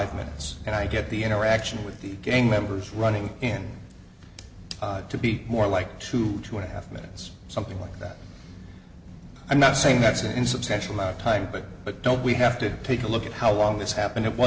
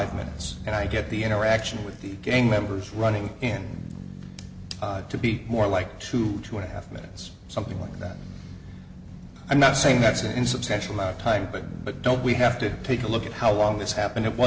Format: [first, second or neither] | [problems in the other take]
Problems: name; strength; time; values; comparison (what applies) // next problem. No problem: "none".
first | background sound (Bass guitar); 18 dB below the speech